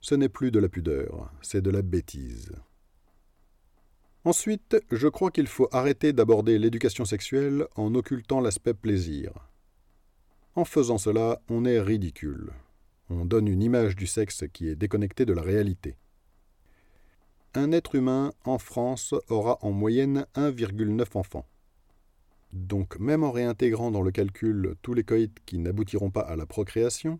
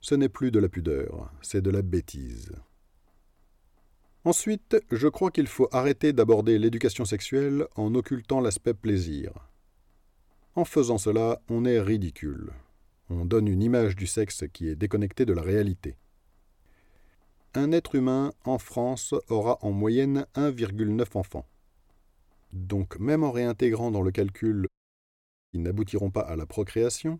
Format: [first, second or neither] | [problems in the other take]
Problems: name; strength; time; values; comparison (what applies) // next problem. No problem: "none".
first | audio cutting out; at 25 s for 1 s